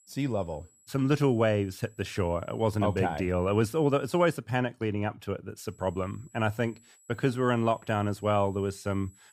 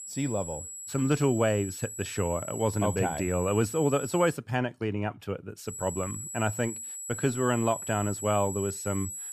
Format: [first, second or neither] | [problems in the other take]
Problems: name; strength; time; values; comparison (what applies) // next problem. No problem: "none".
first | high-pitched whine; loud; until 4.5 s and from 5.5 s on; 8 kHz, 8 dB below the speech; faint in the first